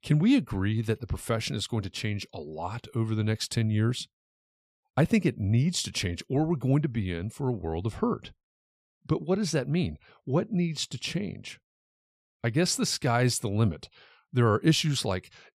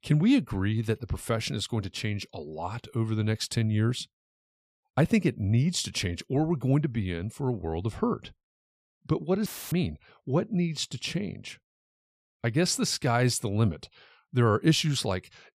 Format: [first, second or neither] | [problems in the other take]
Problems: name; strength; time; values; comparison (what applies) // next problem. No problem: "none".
first | audio cutting out; filled with static; at 9.5 s